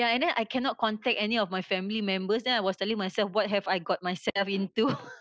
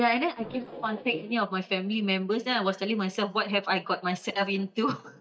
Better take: first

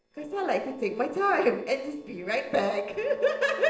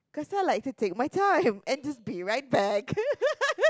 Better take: second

